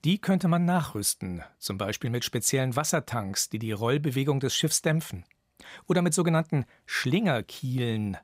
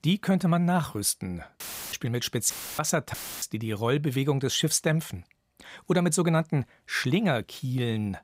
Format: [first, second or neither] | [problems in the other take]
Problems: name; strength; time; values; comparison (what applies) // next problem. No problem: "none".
first | audio cutting out; filled with static; at 1.5 s, at 2.5 s and at 3 s